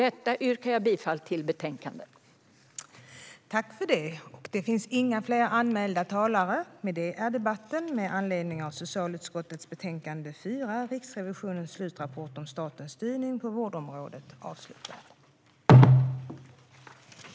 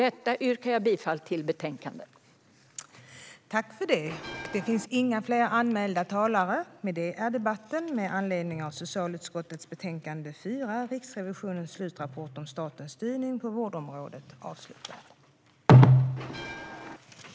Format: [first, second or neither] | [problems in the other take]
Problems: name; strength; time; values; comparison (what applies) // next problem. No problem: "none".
first | background sound (Bell); 12 dB below the speech